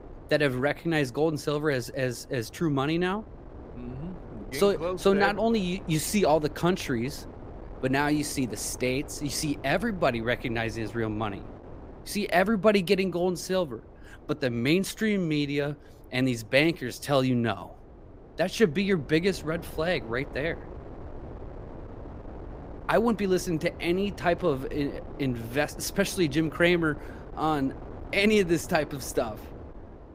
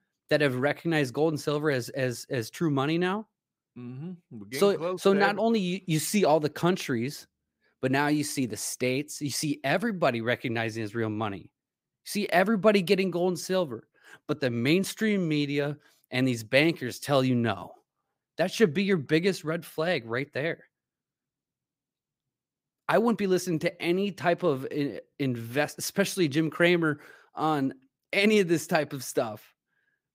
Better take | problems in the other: second | wind noise on the microphone; occasional gusts; 20 dB below the speech

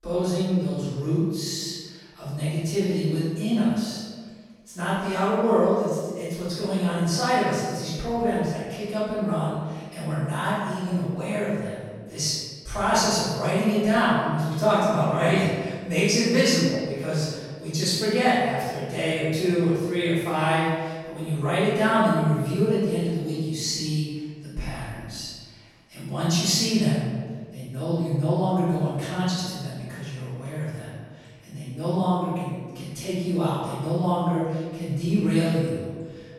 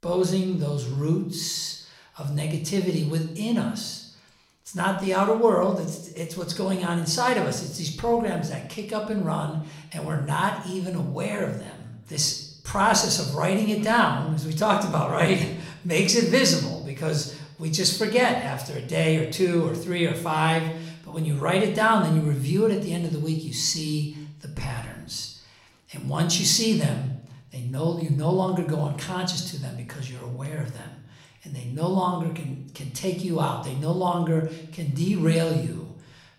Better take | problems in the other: second | room echo; strong; dies away in 1.4 s; slight in the second // off-mic speech; far

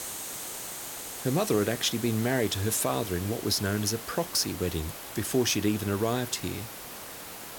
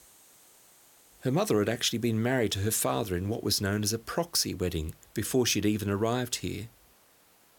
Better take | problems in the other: second | hiss; loud; throughout; 9 dB below the speech; faint in the second

